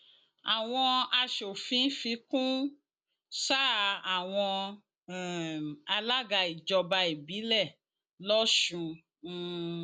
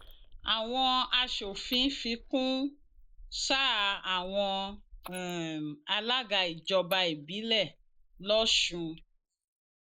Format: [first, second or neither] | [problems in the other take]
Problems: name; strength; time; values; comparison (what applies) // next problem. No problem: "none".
first | noise reduction (neural mask model Resemble Enhance denoiser)